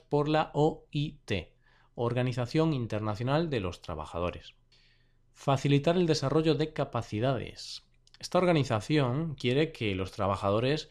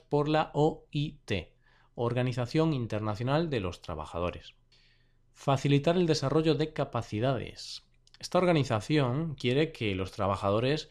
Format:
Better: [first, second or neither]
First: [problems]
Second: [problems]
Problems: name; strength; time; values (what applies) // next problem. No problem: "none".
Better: neither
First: none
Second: none